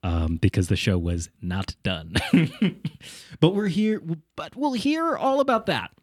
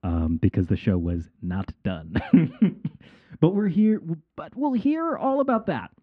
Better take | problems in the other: first | muffled; very; fading above 1.5 kHz

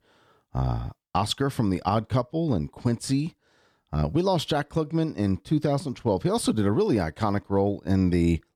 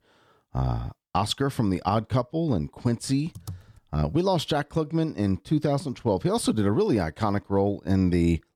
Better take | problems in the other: first | keyboard typing; faint; at 3.5 s; peak 15 dB below the speech

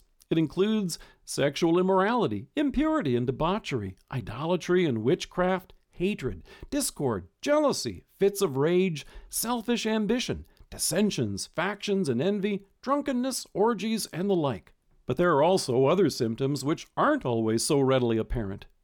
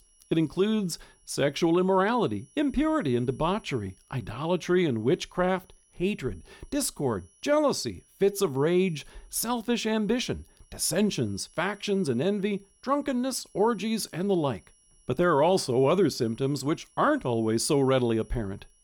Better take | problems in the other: first | high-pitched whine; faint; throughout; 10 kHz, 30 dB below the speech

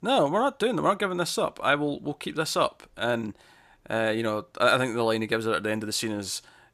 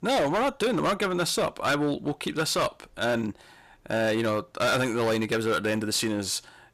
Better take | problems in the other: first | distortion; heavy; 13% of the sound clipped

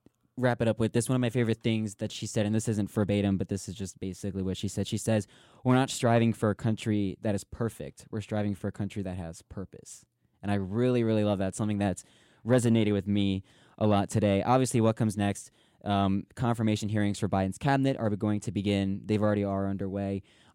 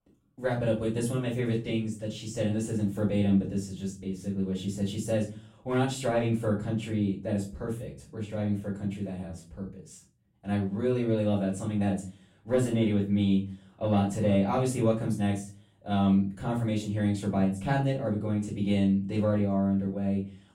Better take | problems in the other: first | off-mic speech; far // room echo; slight; dies away in 0.3 s

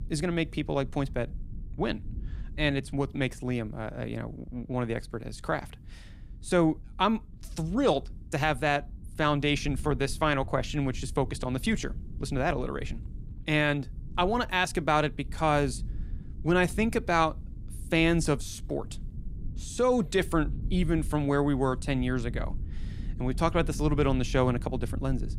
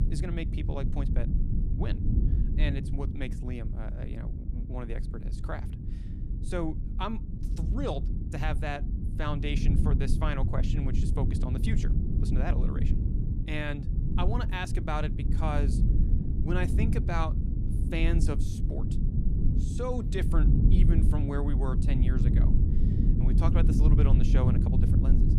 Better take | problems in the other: first | low rumble; loud; throughout; 4 dB below the speech; faint in the first

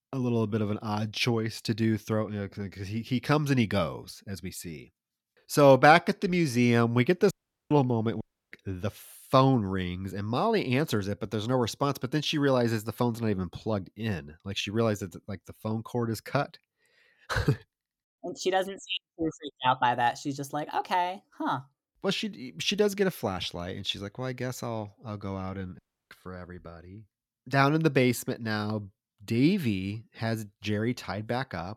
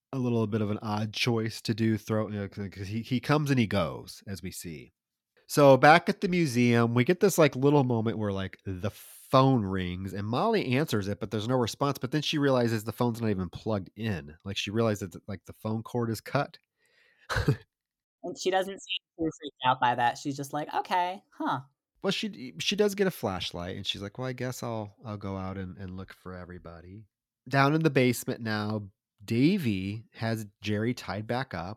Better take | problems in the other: second | audio cutting out; at 7.5 s, at 8 s and at 26 s

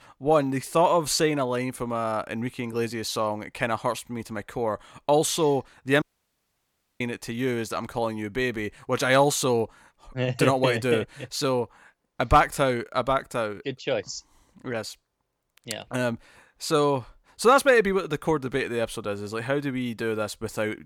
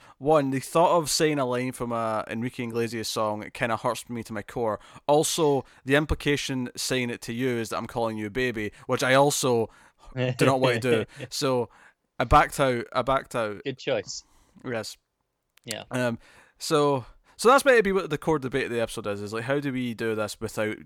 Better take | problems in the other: second | audio cutting out; at 6 s for 1 s

